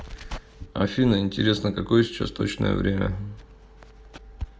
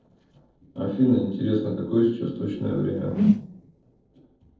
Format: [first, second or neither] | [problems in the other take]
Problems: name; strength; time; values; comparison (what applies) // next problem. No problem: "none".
first | noise reduction (neural separator model SepFormer DNS4)